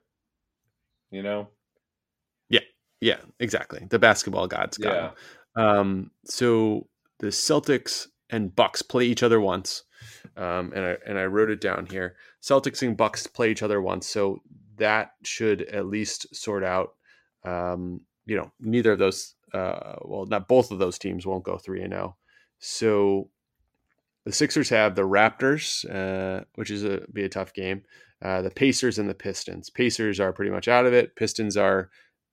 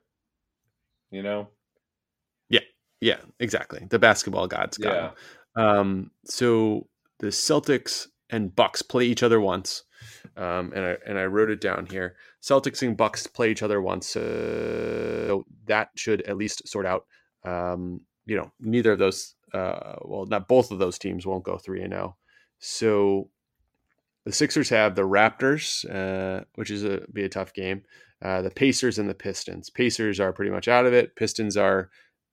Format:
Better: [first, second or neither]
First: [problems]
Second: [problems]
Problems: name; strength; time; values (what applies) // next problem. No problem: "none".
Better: first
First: none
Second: audio freezing; at 14 s for 1 s